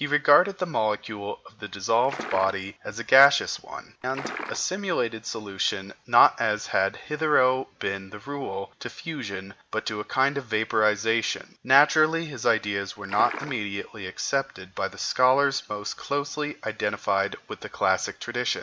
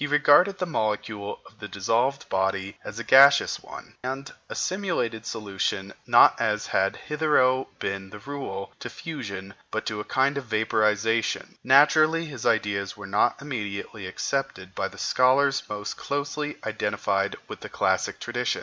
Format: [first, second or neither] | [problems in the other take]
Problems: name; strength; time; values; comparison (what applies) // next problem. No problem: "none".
second | background sound (Liquid); 9 dB below the speech